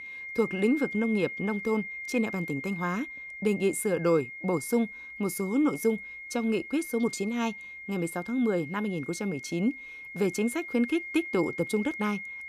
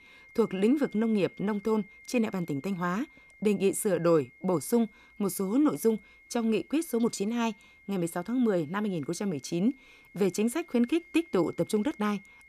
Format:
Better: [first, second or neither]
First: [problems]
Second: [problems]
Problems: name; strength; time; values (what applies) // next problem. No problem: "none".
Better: second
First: high-pitched whine; loud; throughout; 2 kHz, 9 dB below the speech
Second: high-pitched whine; faint; throughout; 2 kHz, 25 dB below the speech